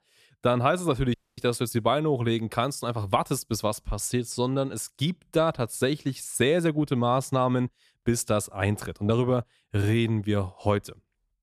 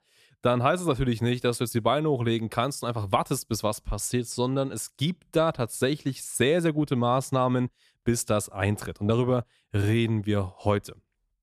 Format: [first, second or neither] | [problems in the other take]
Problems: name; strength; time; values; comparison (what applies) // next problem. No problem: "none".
second | audio cutting out; at 1 s